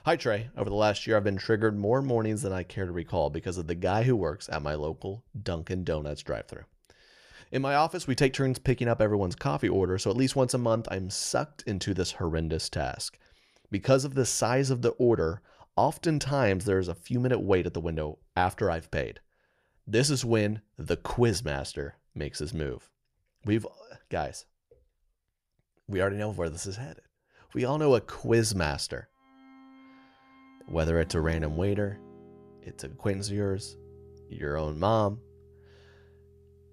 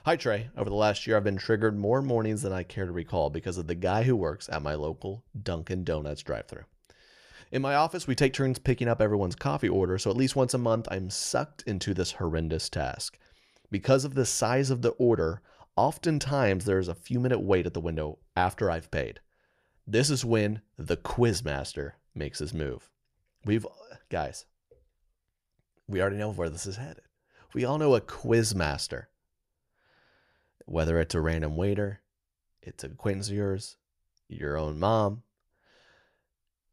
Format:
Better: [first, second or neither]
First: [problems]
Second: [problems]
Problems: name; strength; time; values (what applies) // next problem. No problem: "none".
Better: second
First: background music; faint; from 29 s on; 20 dB below the speech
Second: none